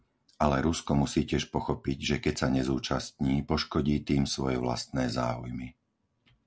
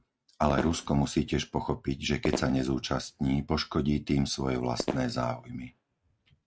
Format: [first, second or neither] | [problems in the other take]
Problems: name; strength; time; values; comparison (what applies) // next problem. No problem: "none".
first | noise reduction (neural mask model RNNoise)